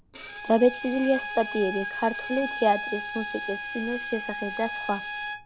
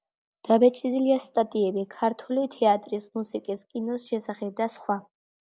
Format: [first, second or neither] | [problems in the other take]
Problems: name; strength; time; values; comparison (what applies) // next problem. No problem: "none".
second | background sound (Bowed string instrument); 7 dB below the speech